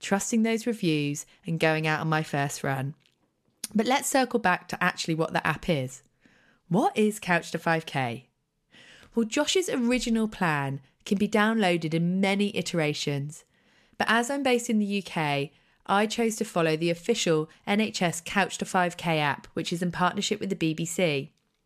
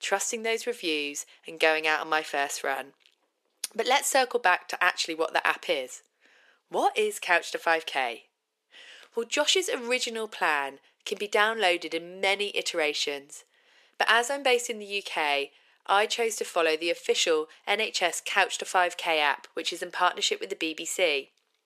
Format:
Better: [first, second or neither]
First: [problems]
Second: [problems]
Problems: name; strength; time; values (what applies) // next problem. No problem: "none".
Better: first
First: none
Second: thin; very; fading below 400 Hz